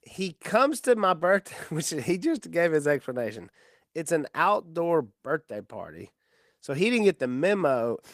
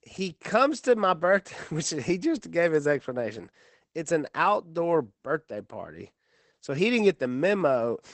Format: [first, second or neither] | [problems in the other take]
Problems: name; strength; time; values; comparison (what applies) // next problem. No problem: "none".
first | garbled, watery; badly; nothing above 8 kHz; slightly in the first